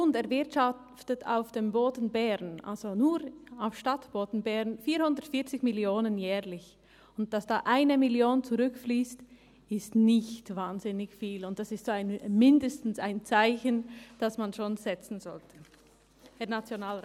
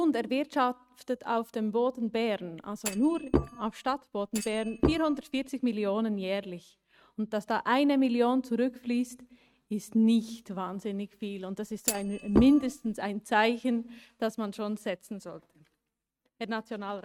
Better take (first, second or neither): first